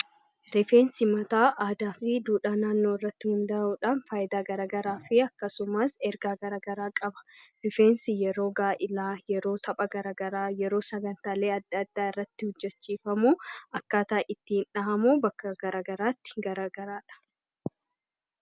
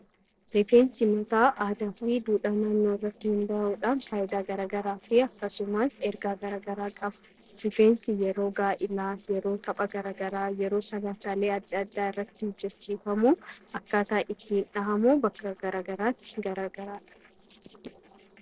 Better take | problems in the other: first | noise reduction (neural separator model SepFormer DNS4)

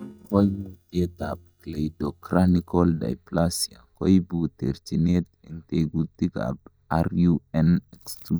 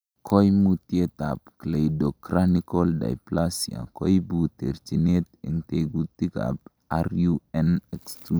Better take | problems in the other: second | noise reduction (neural mask model DeepFilterNet 3)

